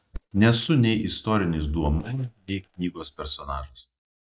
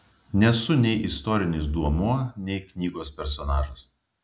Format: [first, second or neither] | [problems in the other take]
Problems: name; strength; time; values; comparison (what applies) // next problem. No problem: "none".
second | noise reduction (neural mask model DeepFilterNet 3)